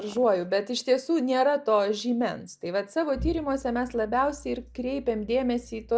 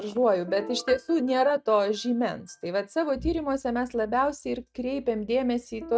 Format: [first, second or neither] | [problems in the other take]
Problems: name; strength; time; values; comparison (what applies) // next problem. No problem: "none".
first | noise reduction (neural mask model RNNoise)